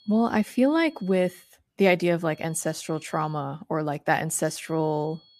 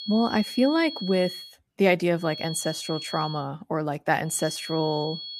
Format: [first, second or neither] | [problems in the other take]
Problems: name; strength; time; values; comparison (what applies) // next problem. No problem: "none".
first | high-pitched whine; loud; until 1.5 s, from 2.5 to 3.5 s and from 4.5 s on; 4.5 kHz, 9 dB below the speech; faint in the first